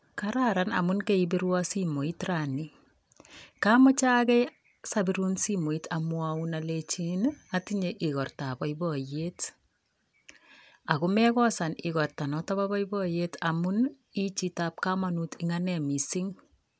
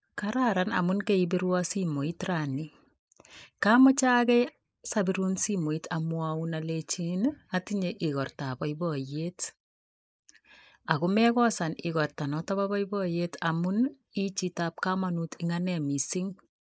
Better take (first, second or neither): first